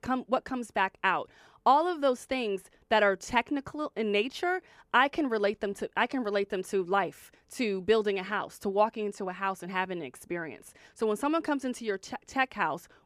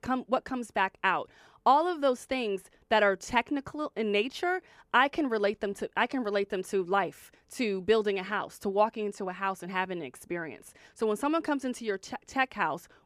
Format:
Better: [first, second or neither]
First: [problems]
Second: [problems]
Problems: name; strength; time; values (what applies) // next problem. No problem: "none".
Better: neither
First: none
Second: none